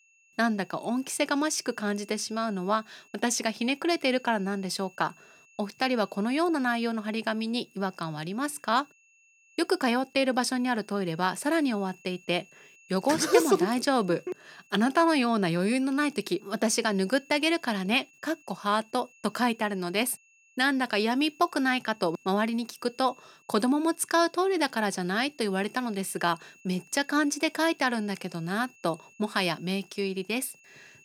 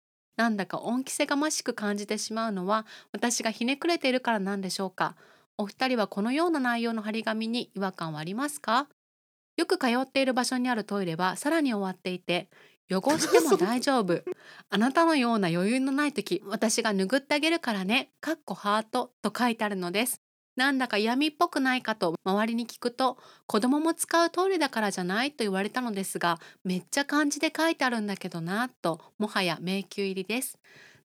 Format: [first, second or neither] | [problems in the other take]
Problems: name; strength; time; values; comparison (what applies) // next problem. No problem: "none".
second | high-pitched whine; faint; throughout; 2.5 kHz, 30 dB below the speech